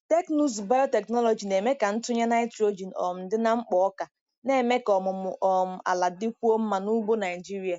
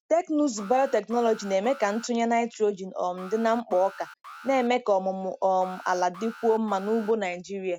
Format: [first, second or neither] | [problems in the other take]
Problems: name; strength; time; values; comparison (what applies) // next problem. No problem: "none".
first | background sound (Alarm); 19 dB below the speech